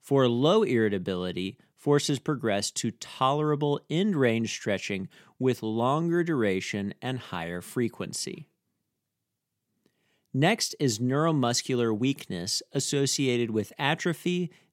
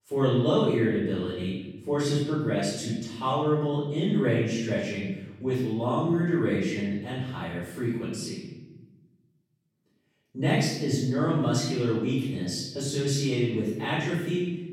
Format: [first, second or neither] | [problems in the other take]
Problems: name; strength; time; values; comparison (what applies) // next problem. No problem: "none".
first | off-mic speech; far // room echo; strong; dies away in 1.2 s